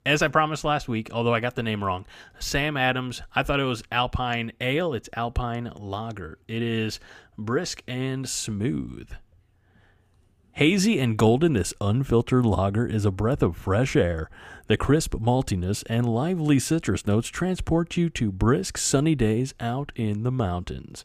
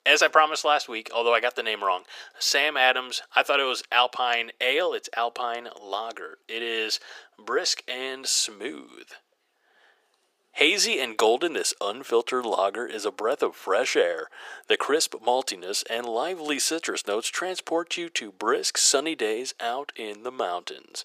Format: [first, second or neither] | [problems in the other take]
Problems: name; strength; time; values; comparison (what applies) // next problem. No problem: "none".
first | thin; very; fading below 450 Hz